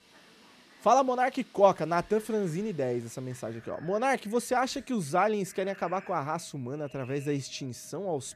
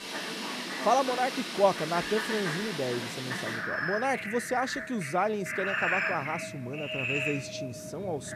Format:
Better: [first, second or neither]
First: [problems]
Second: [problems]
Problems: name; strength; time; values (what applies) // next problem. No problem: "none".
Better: first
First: animal sounds; faint; throughout; 25 dB below the speech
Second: animal sounds; loud; throughout; 2 dB below the speech